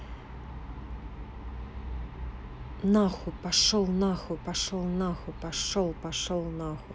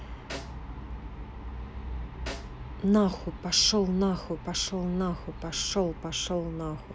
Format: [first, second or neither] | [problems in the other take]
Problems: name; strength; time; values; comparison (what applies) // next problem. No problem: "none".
first | background sound (Snare drum); 17 dB below the speech